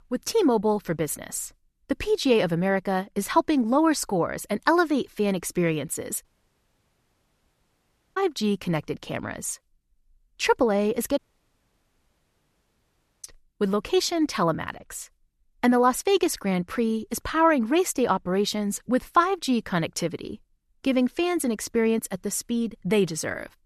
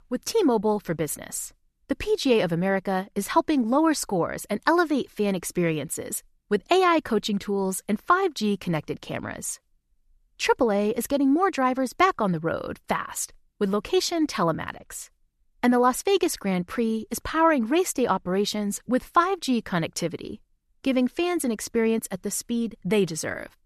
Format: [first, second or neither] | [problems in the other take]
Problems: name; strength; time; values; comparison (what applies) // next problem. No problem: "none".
second | audio cutting out; at 6 s for 2 s and at 11 s for 2 s